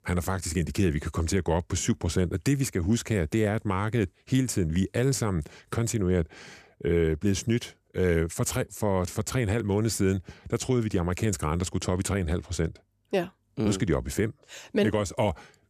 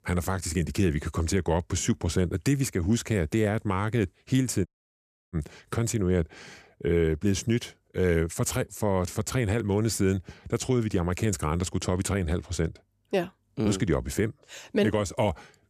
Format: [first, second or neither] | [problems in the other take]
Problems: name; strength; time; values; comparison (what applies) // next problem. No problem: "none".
first | audio cutting out; at 4.5 s for 0.5 s